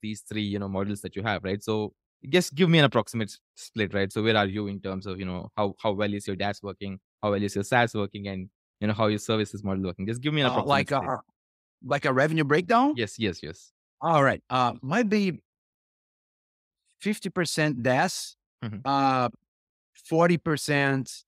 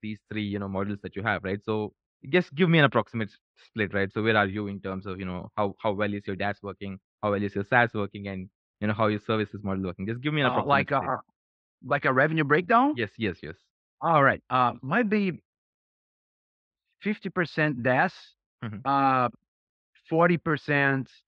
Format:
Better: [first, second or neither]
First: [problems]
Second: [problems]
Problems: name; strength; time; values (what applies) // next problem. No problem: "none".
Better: first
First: none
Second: muffled; very; fading above 3.5 kHz